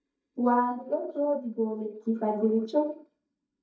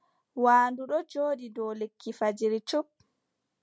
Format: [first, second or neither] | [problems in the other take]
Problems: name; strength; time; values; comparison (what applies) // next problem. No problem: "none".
second | noise reduction (neural mask model DeepFilterNet 3)